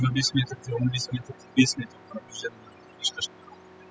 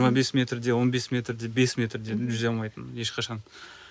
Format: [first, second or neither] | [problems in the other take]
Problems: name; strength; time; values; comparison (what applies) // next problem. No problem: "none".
second | noise reduction (classical method spectral subtraction)